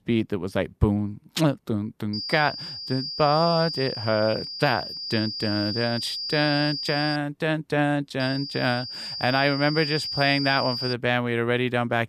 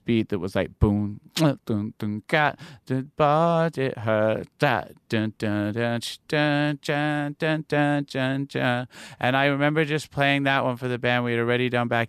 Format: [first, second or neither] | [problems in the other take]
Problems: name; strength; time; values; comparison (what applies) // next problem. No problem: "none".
second | high-pitched whine; loud; from 2 to 7 s and from 8 to 11 s; 5 kHz, 5 dB below the speech